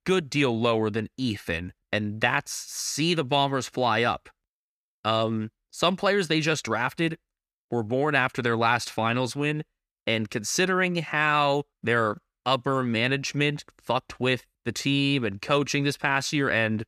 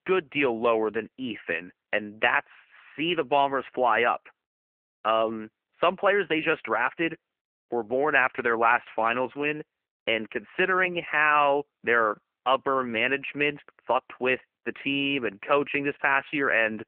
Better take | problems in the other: first | phone-call audio; nothing above 3 kHz

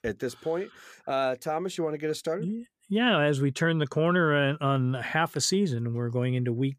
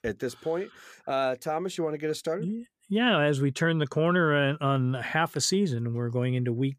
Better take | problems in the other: neither | none

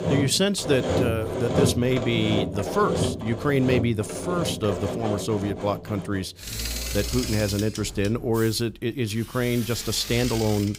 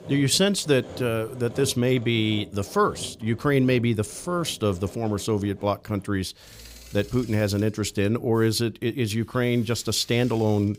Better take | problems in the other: second | machinery noise; loud; throughout; 4 dB below the speech; faint in the second

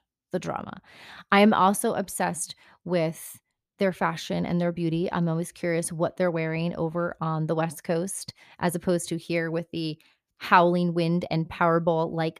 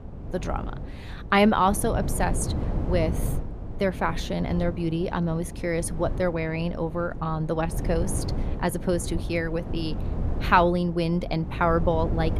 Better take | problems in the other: first | wind noise on the microphone; occasional gusts; 15 dB below the speech

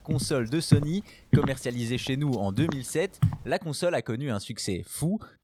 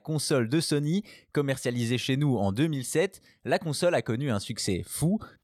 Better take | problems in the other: second | footsteps; loud; until 3.5 s; peak 4 dB above the speech

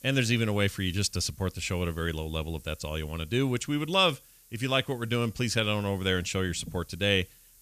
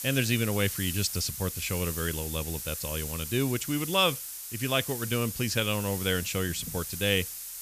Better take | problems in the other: first | hiss; loud; throughout; 6 dB below the speech; faint in the first

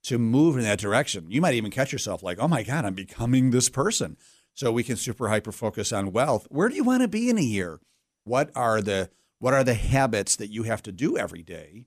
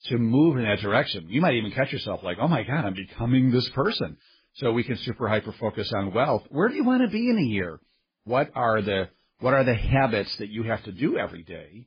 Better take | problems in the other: first | garbled, watery; badly; nothing above 5 kHz

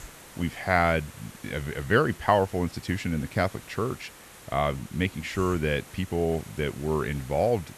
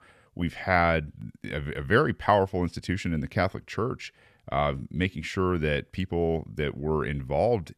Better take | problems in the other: second | hiss; noticeable; throughout; 20 dB below the speech

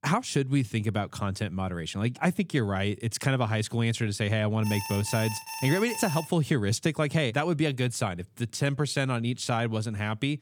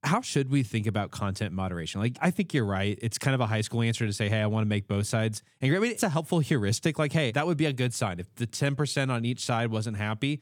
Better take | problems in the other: second | alarm; noticeable; from 4.5 to 6.5 s; peak 7 dB below the speech

